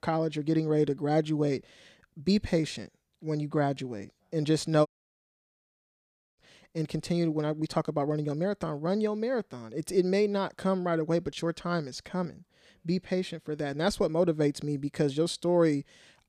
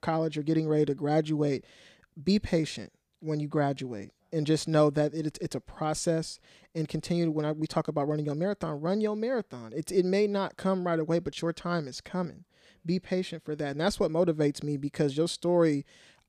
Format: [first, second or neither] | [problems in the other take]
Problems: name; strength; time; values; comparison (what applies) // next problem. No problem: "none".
second | audio cutting out; at 5 s for 1.5 s